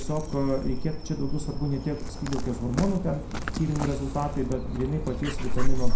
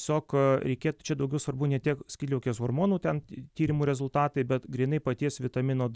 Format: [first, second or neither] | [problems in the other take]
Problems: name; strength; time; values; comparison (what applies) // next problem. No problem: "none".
second | background sound (Dog); 4 dB above the speech // room echo; dies away in 0.4 s